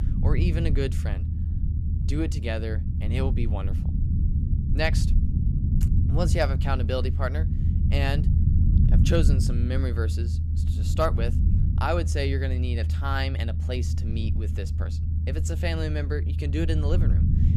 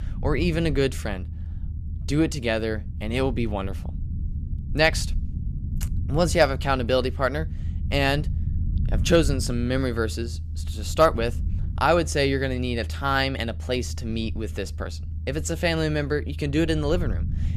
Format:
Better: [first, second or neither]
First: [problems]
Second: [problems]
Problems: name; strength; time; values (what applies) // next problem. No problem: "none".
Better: second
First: low rumble; loud; throughout; 8 dB below the speech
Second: low rumble; faint; throughout; 20 dB below the speech